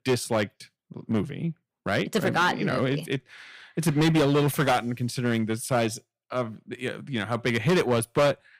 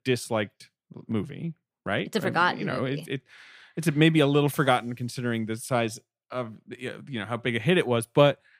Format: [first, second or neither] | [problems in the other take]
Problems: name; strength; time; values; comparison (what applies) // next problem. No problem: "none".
second | distortion; heavy; 7% of the sound clipped